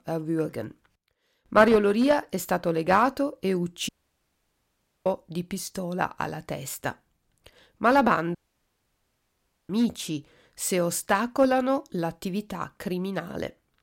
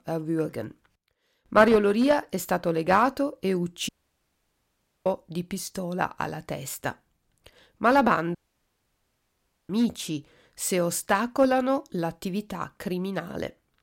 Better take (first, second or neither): neither